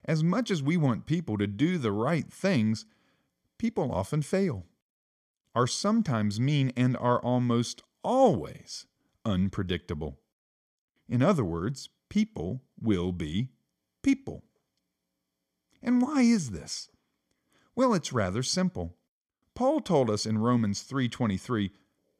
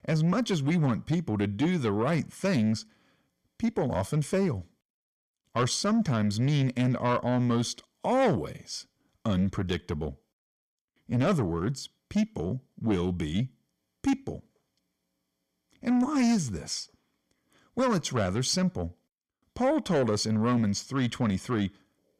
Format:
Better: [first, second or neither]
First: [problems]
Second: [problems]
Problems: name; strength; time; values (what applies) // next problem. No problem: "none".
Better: first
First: none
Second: distortion; slight; 10 dB below the speech